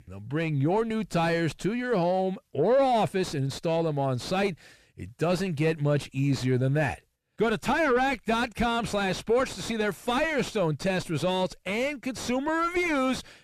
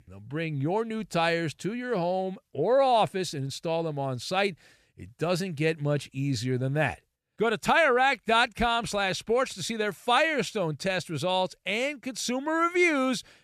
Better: second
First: distortion; heavy; 6 dB below the speech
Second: none

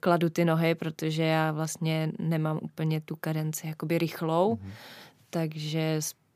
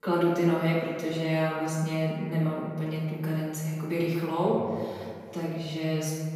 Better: first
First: none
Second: off-mic speech; far // room echo; noticeable; dies away in 1.7 s

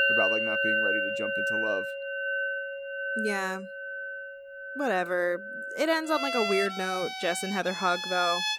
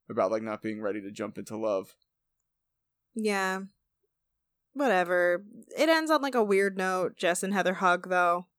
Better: second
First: background music; very loud; throughout; as loud as the speech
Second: none

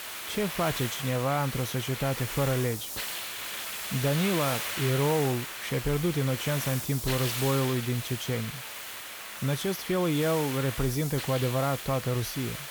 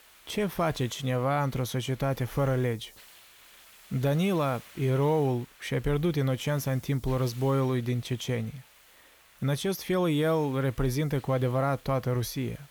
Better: second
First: hiss; loud; throughout; 5 dB below the speech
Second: hiss; faint; throughout; 25 dB below the speech

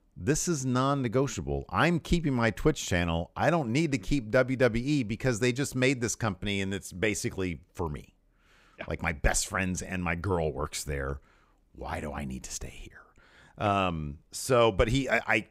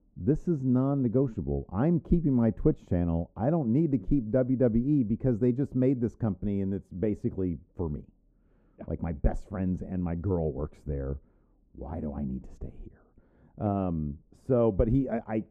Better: first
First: none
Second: muffled; very; fading above 1.5 kHz

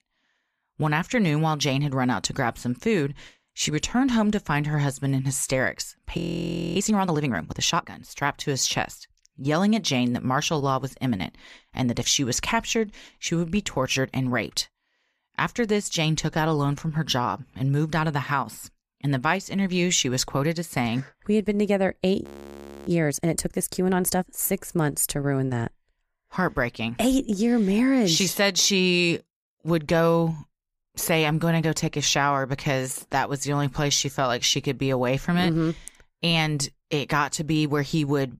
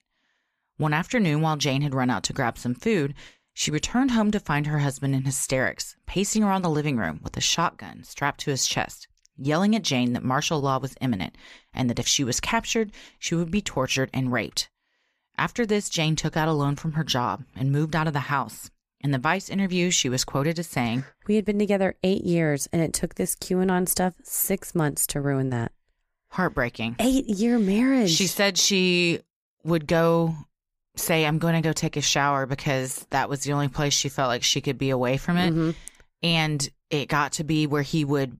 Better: second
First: audio freezing; at 6 s for 0.5 s and at 22 s for 0.5 s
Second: none

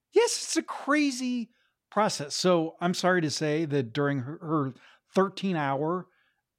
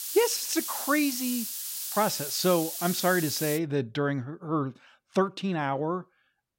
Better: first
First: none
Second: hiss; loud; until 3.5 s; 4 dB below the speech

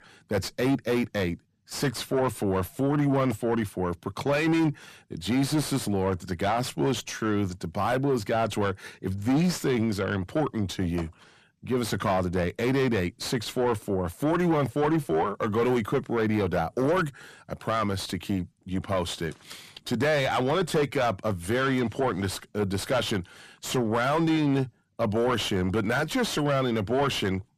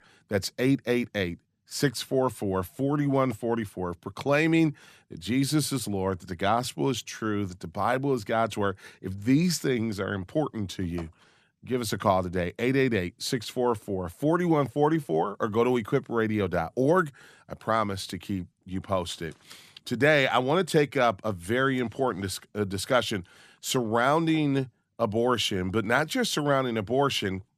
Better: second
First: distortion; heavy; 7 dB below the speech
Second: none

